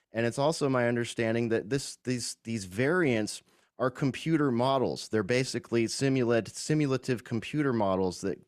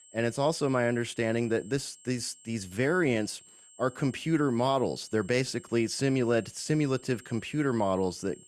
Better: first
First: none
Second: high-pitched whine; faint; throughout; 7.5 kHz, 25 dB below the speech

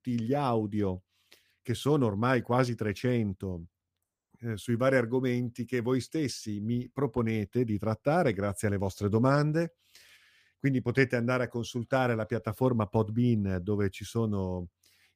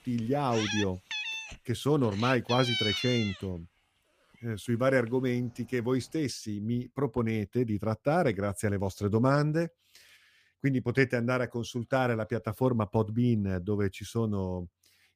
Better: first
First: none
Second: animal sounds; loud; until 6 s; 4 dB below the speech

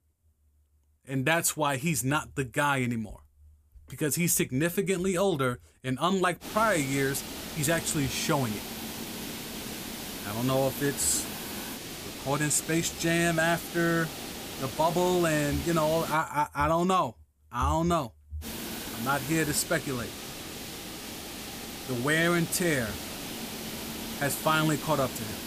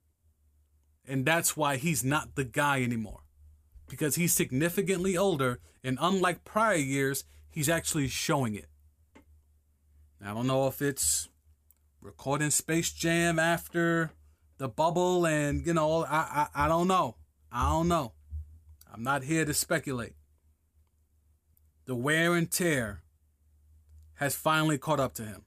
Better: second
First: hiss; loud; from 6.5 to 16 s and from 18 s on; 9 dB below the speech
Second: none

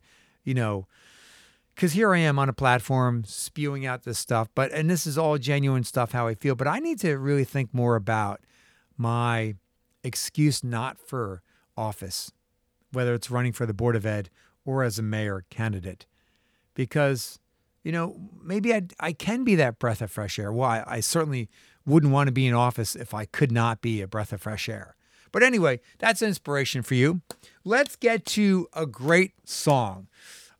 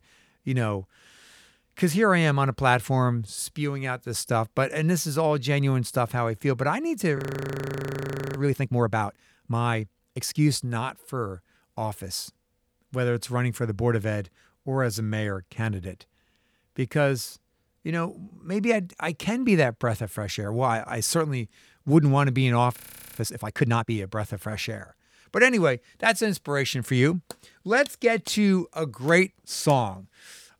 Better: first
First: none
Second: audio freezing; at 7 s for 1 s and at 23 s

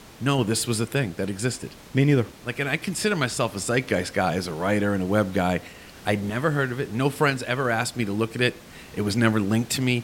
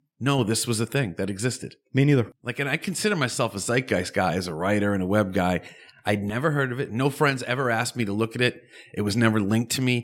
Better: second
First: hiss; faint; throughout; 20 dB below the speech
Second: none

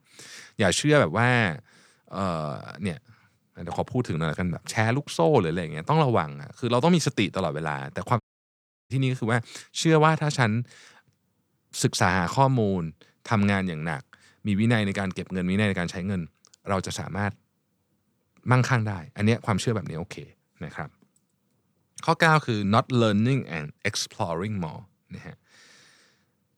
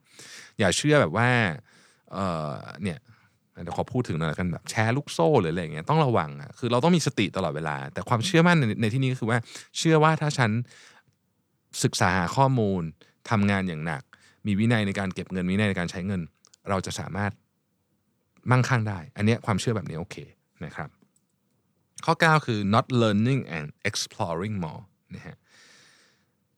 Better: second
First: audio cutting out; at 8 s for 0.5 s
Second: none

